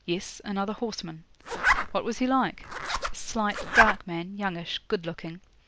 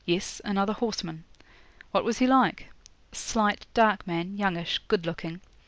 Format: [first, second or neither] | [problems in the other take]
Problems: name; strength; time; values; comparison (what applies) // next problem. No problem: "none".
second | background sound (Zipper (clothing)); 3 dB above the speech